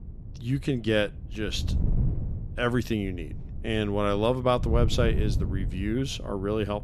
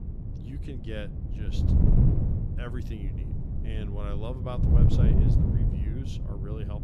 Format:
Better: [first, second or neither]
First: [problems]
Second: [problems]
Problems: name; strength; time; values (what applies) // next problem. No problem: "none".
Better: first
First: wind noise on the microphone; occasional gusts; 15 dB below the speech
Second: wind noise on the microphone; heavy; 4 dB above the speech